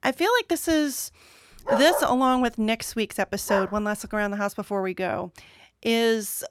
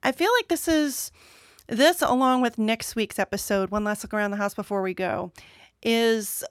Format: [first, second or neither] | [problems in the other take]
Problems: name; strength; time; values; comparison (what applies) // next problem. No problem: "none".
second | dog barking; noticeable; from 1.5 to 3.5 s; peak 1 dB below the speech